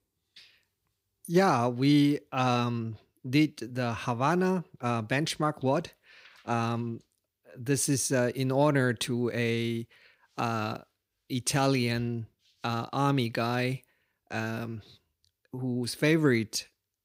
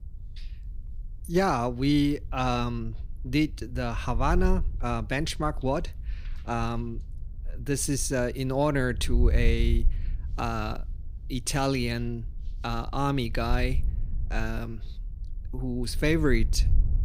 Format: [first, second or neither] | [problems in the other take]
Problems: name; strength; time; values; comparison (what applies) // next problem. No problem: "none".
first | wind noise on the microphone; occasional gusts; 25 dB below the speech